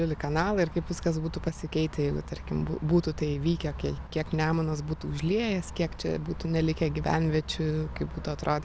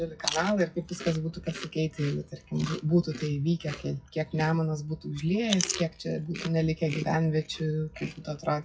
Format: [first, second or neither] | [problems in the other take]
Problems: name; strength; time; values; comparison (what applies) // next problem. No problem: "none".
first | noise reduction (classical method WPE with log-MMSE)